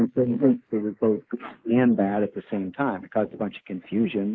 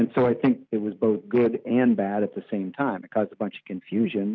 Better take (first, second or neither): second